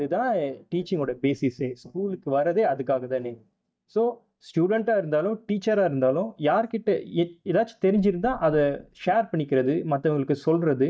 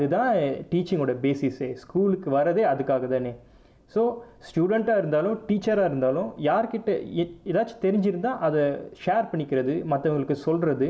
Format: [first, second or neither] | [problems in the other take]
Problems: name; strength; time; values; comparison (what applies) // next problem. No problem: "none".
second | noise reduction (neural mask model DeepFilterNet 3)